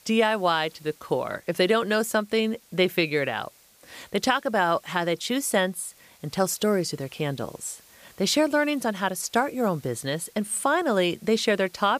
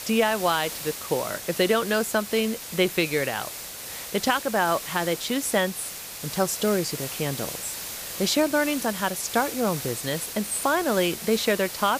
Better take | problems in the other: first | hiss; loud; throughout; 8 dB below the speech; faint in the first

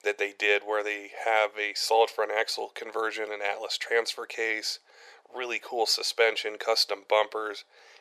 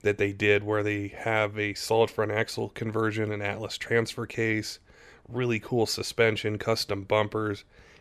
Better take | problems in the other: second | thin; very; fading below 500 Hz

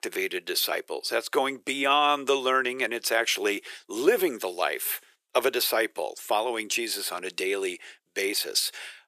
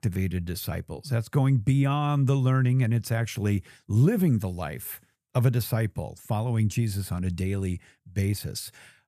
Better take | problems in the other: second | thin; very; fading below 350 Hz

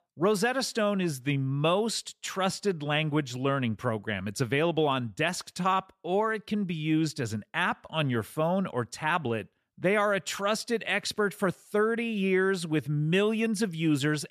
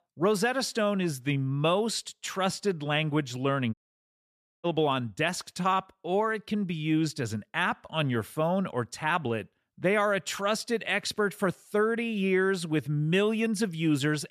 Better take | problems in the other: first | audio cutting out; at 3.5 s for 1 s

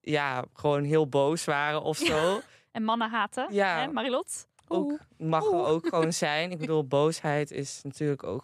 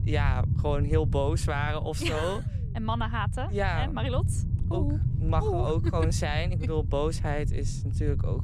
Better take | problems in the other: first | low rumble; noticeable; throughout; 10 dB below the speech

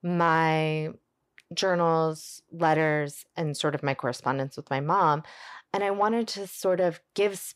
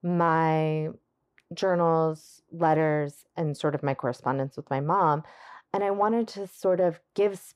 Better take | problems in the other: first | muffled; slightly; fading above 1.5 kHz

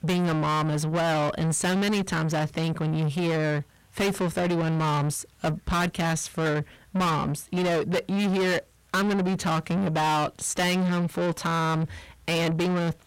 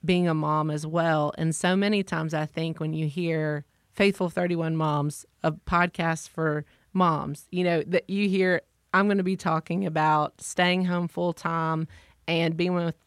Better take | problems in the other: second | distortion; heavy; 7 dB below the speech

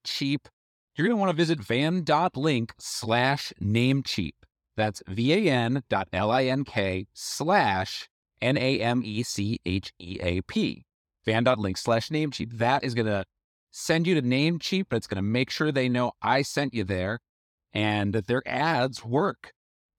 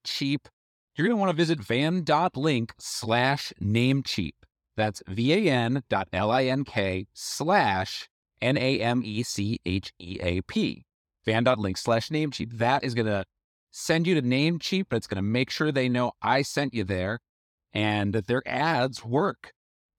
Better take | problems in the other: neither | none

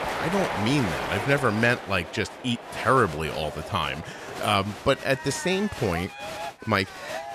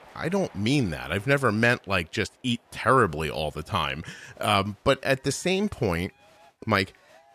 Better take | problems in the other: second | crowd noise; loud; throughout; 8 dB below the speech; faint in the second

